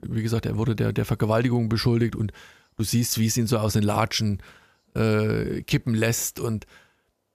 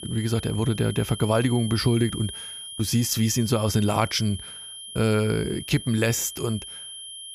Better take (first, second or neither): first